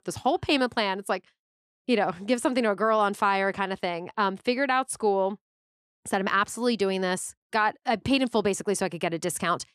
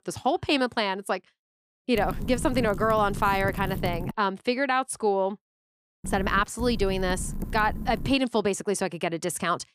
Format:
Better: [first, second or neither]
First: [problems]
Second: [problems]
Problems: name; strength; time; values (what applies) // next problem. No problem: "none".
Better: first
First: none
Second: wind noise on the microphone; occasional gusts; from 2 to 4 s and from 6 to 8 s; 15 dB below the speech